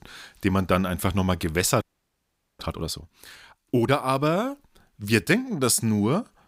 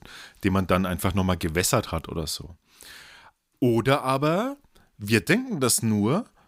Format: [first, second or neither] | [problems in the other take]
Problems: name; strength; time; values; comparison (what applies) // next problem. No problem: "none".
second | audio freezing; at 2 s for 1 s